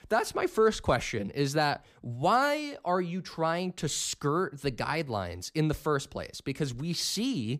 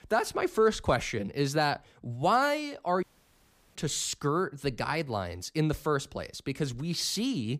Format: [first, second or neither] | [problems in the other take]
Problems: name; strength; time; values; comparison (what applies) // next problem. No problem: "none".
first | audio cutting out; at 3 s for 0.5 s